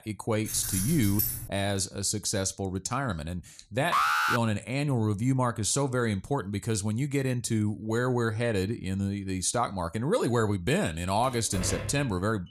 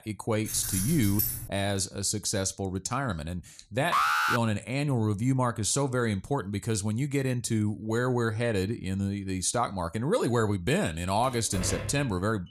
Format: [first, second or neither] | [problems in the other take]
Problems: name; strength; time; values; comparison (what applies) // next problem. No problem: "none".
neither | jangling keys; noticeable; until 1.5 s; peak level with the speech; the same in both // alarm; loud; at 4 s; peak 5 dB above the speech; the same in both // door banging; noticeable; at 11 s; peak 6 dB below the speech; the same in both